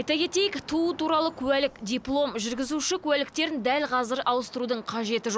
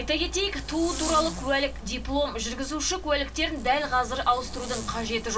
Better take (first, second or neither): first